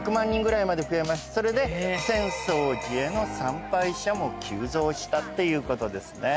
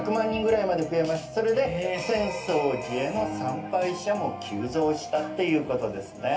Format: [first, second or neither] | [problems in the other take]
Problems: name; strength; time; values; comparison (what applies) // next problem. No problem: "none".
first | room echo; dies away in 0.3 s